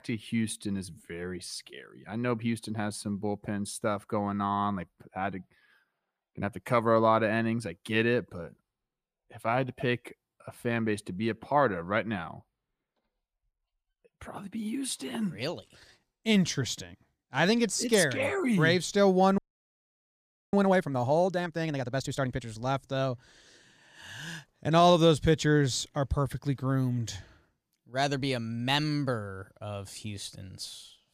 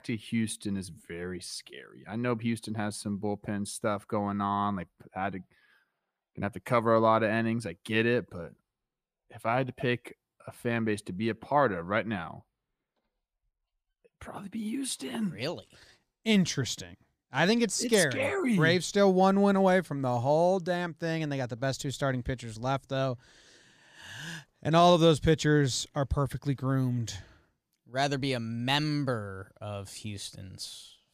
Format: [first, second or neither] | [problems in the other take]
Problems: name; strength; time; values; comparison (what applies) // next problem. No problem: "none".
second | audio freezing; at 19 s for 1 s